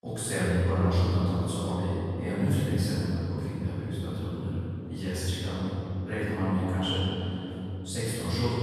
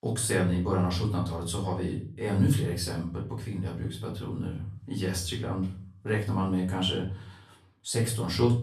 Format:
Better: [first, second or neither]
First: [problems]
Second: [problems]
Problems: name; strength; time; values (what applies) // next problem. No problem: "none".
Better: second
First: room echo; strong; dies away in 3 s // off-mic speech; far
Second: room echo; slight; dies away in 0.4 s // off-mic speech; far